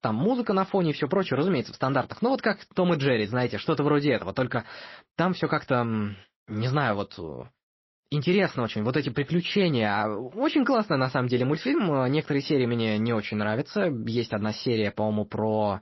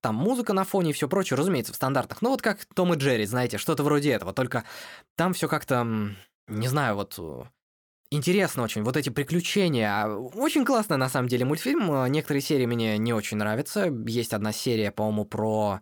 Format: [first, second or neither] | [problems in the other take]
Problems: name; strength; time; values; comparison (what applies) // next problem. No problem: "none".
second | garbled, watery; slightly; nothing above 5.5 kHz